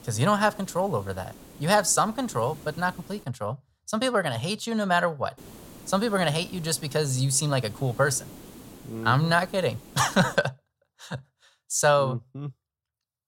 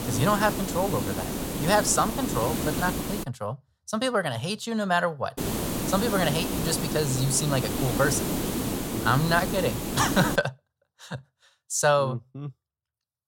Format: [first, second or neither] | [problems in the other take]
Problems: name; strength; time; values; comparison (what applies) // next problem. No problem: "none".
first | hiss; loud; until 3 s and from 5.5 to 10 s; 3 dB below the speech; faint in the first